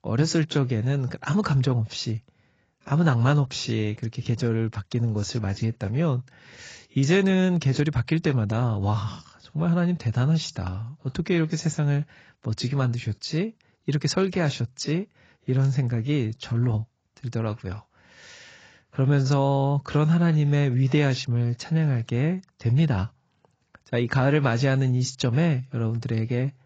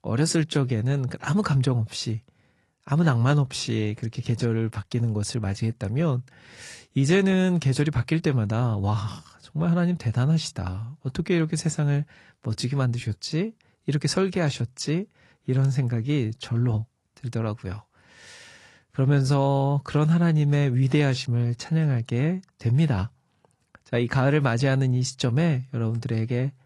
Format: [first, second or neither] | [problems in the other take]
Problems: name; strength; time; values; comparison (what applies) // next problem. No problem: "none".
second | garbled, watery; badly; nothing above 7.5 kHz; slightly in the second